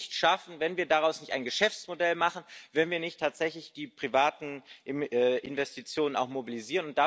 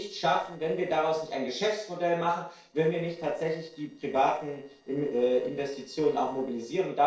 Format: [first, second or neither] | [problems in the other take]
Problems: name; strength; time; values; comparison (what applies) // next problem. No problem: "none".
first | noise reduction (neural separator model SepFormer DNS4)